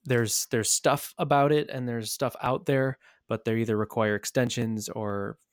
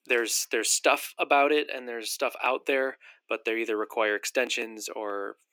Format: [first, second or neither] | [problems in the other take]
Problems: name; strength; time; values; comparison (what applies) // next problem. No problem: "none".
first | thin; somewhat; fading below 300 Hz